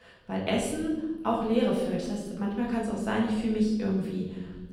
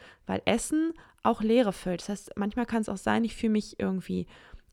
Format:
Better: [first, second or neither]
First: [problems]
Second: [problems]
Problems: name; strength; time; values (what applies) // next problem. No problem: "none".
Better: second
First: room echo; noticeable; dies away in 1.2 s // off-mic speech; far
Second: none